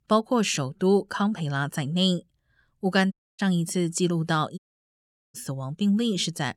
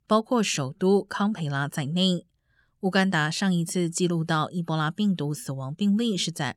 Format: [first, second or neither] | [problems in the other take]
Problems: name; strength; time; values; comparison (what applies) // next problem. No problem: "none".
second | audio cutting out; at 3 s and at 4.5 s for 1 s